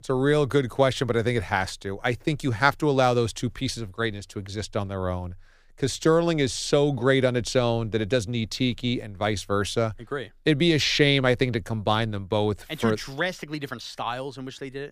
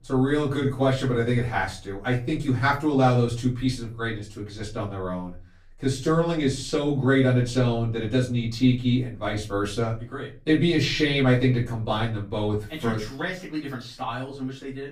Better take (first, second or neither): first